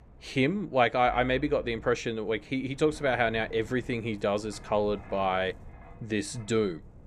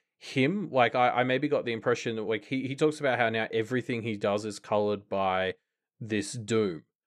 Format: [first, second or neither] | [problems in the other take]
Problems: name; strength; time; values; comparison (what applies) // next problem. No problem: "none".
second | wind noise on the microphone; occasional gusts; 25 dB below the speech